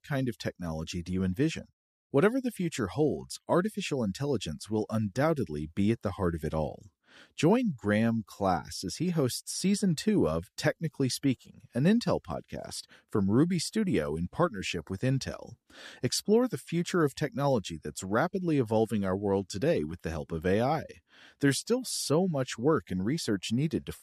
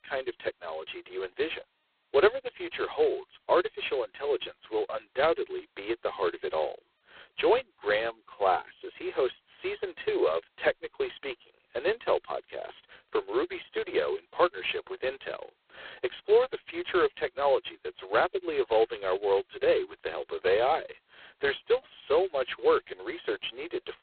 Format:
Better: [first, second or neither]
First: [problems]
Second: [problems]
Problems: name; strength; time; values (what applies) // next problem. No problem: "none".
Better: first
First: none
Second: phone-call audio; poor line; nothing above 4 kHz